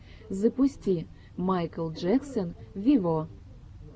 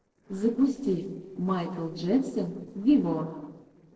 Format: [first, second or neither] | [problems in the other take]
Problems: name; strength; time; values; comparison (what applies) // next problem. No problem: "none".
first | noise reduction (neural separator model SepFormer DNS4)